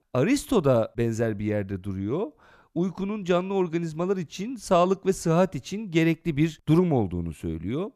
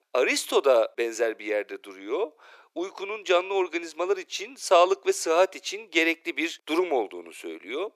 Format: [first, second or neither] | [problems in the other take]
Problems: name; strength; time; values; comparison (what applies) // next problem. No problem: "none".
first | thin; very; fading below 350 Hz